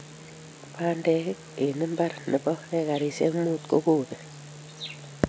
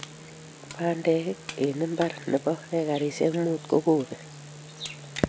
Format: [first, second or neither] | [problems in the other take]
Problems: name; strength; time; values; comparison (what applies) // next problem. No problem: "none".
first | background sound (Crushing); 20 dB below the speech